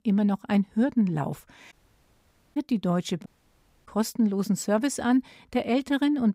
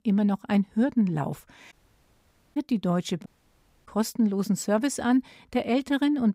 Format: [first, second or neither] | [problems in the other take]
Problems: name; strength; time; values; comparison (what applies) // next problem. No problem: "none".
neither | audio cutting out; at 1.5 s for 1 s and at 3.5 s for 0.5 s; the same in both